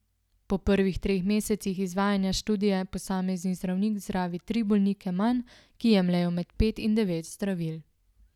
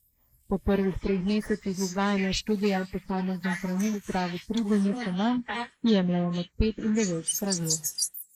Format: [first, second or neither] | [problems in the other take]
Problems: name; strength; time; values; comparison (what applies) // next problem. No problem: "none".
first | noise reduction (neural mask model Resemble Enhance denoiser)